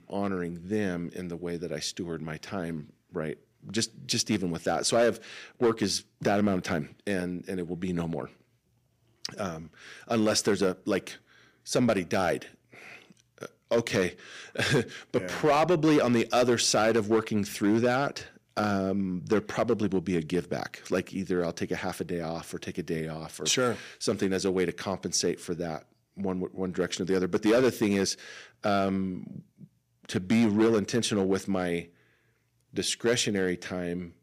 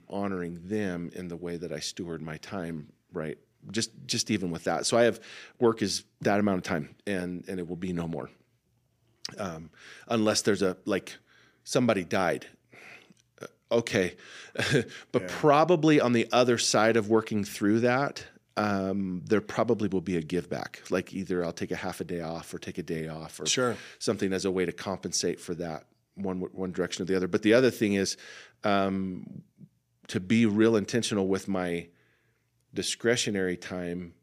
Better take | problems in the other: second | distortion; slight; 3% of the sound clipped

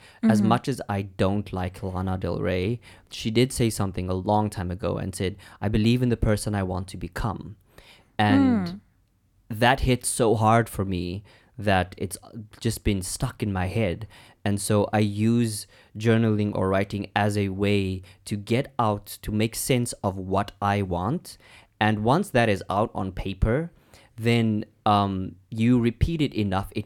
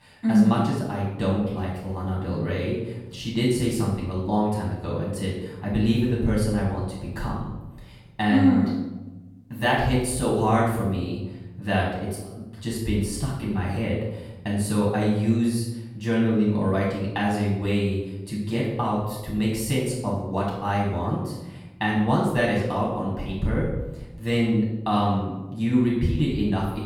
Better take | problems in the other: first | off-mic speech; far // room echo; noticeable; dies away in 0.9 s

